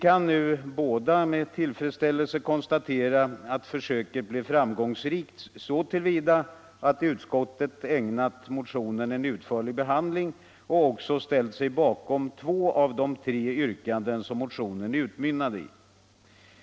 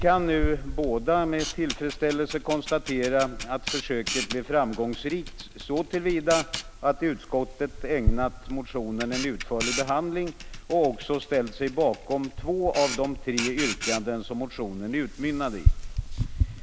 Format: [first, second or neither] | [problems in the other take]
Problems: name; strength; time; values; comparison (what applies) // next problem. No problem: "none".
first | background sound (Camera); 4 dB below the speech